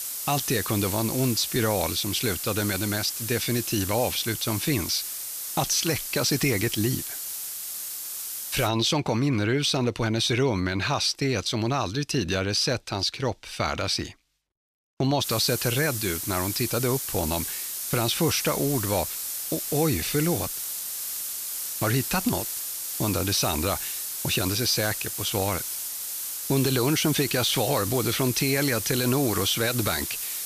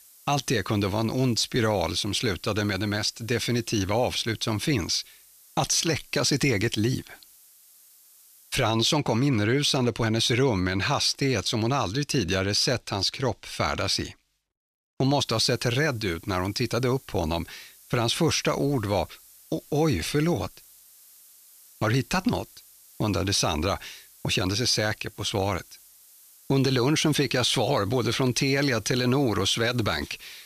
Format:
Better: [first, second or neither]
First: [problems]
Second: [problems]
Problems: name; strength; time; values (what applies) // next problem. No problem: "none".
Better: second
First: hiss; loud; until 8.5 s and from 15 s on; 4 dB below the speech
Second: hiss; faint; until 8.5 s and from 15 s on; 25 dB below the speech